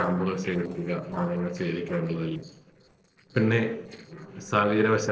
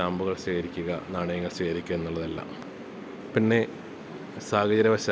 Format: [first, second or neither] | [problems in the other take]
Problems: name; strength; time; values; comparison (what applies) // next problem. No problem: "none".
second | noise reduction (neural separator model SepFormer DNS4)